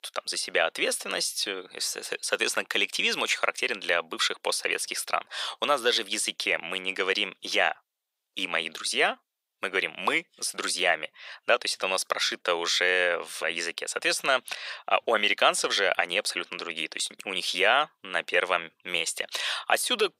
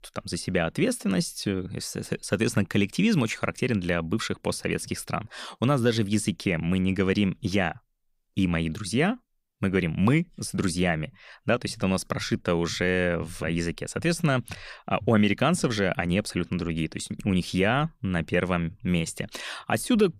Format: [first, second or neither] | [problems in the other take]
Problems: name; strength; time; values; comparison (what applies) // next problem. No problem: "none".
second | thin; very; fading below 550 Hz